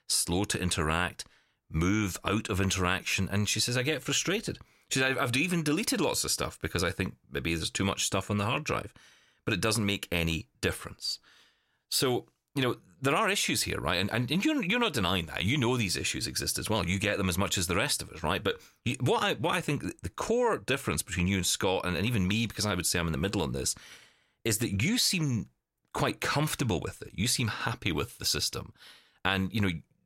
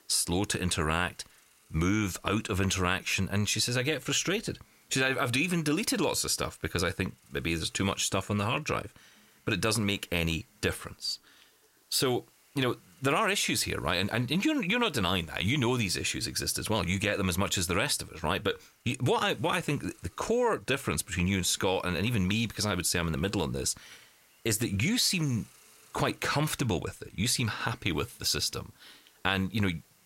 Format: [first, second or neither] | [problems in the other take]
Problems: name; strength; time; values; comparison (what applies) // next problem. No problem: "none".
first | hiss; faint; throughout; 30 dB below the speech